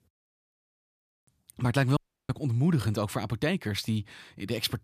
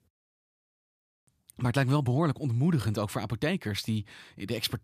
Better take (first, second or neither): second